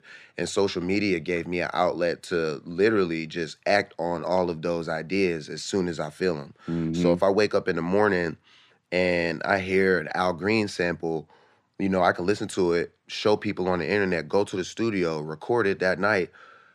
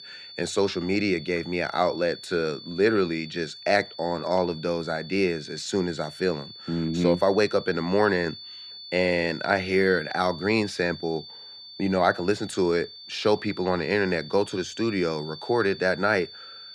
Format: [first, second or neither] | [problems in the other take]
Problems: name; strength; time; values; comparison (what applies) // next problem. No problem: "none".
first | high-pitched whine; noticeable; throughout; 4.5 kHz, 15 dB below the speech